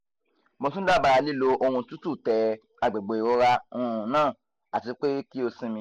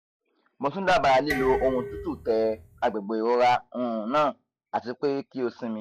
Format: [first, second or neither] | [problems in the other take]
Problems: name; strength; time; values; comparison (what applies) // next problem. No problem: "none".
first | noise reduction (classical method log-MMSE)